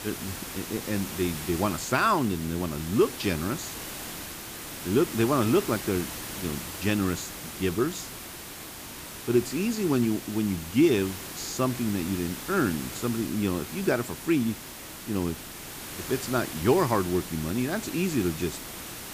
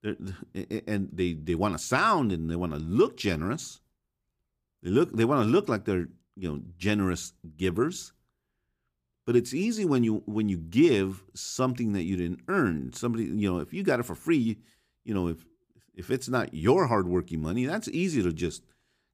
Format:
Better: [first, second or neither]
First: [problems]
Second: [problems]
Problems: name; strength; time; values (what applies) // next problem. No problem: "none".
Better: second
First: hiss; loud; throughout; 9 dB below the speech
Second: none